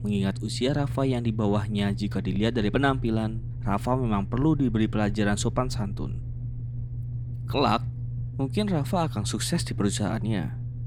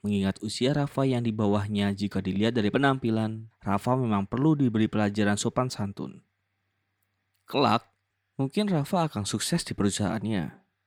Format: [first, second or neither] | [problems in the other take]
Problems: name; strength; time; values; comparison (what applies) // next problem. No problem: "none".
second | low rumble; noticeable; throughout; 15 dB below the speech